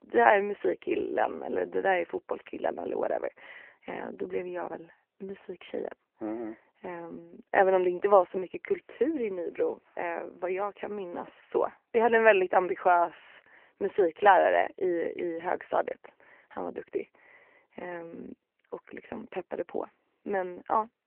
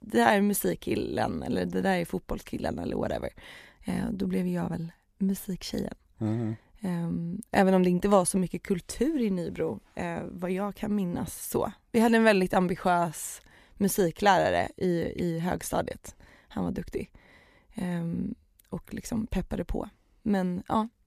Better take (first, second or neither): second